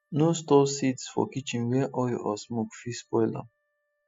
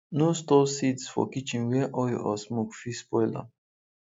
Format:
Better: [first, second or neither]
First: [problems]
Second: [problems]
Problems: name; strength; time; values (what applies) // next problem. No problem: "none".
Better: second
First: noise reduction (classical method spectral subtraction)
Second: none